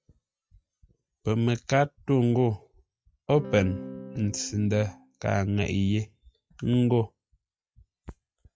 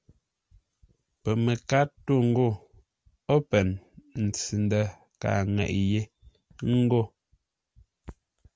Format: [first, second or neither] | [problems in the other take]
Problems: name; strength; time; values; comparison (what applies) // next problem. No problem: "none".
second | noise reduction (classical method log-MMSE)